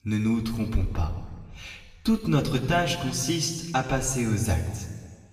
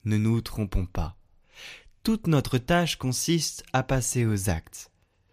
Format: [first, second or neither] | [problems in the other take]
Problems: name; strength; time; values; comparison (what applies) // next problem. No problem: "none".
second | room echo; slight; dies away in 1.4 s // off-mic speech; somewhat distant